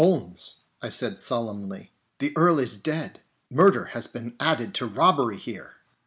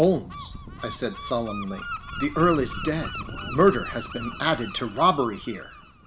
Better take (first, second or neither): first